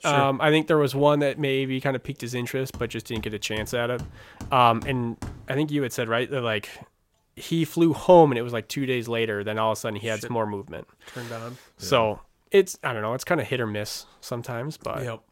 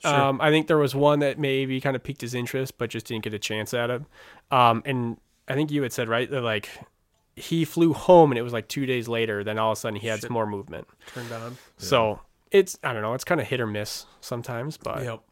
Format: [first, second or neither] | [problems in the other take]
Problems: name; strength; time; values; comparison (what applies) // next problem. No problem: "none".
second | machinery noise; noticeable; until 6.5 s; 20 dB below the speech